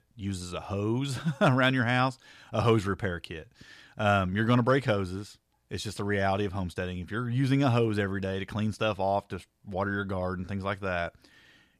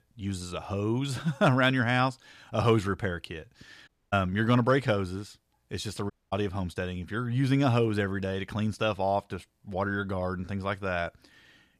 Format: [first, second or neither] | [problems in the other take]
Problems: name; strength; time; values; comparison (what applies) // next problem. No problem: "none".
first | audio cutting out; at 4 s and at 6 s